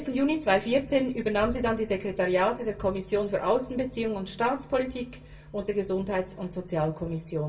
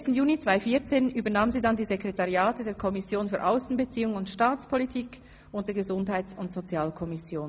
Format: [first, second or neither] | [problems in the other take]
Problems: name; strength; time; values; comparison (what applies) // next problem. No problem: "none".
second | room echo; dies away in 0.2 s